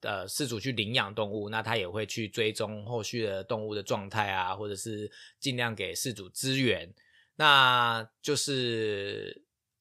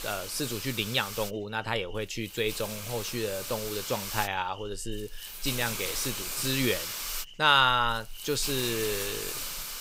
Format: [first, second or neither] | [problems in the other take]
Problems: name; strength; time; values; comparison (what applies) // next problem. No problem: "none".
first | hiss; loud; throughout; 5 dB below the speech